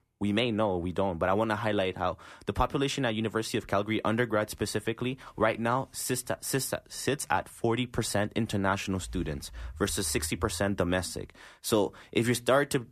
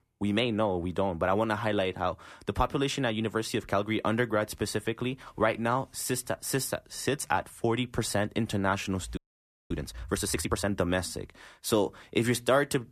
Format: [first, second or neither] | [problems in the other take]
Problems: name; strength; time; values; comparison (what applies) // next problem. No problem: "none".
first | audio freezing; at 9 s for 0.5 s